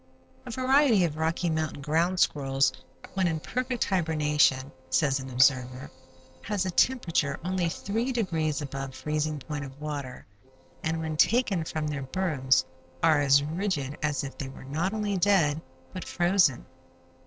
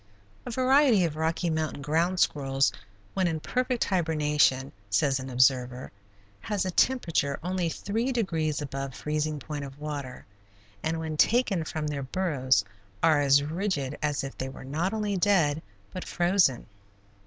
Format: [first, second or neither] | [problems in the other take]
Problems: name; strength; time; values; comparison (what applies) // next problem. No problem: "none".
second | noise reduction (neural separator model SepFormer DNS4)